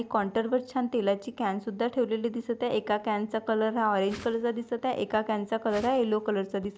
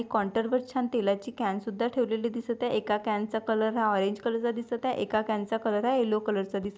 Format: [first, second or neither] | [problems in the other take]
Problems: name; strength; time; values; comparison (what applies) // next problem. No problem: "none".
second | background sound (Whoosh, swoosh, swish); 19 dB below the speech